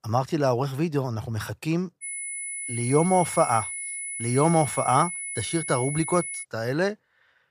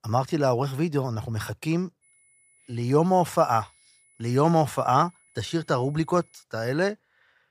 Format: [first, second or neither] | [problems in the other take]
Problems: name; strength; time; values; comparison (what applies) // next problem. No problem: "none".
second | high-pitched whine; loud; from 2 to 6.5 s; 10 kHz, 6 dB below the speech; faint in the second